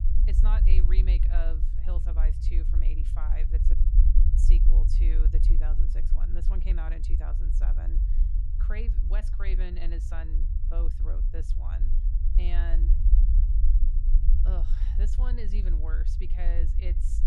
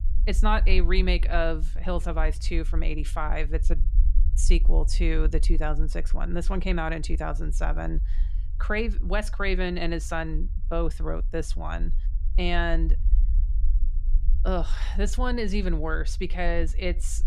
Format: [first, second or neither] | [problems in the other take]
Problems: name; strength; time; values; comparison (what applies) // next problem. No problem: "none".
second | low rumble; loud; throughout; 4 dB below the speech; faint in the second